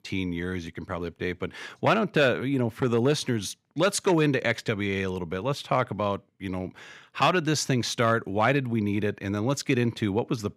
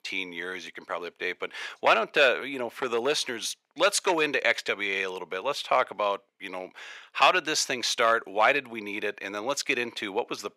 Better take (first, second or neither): first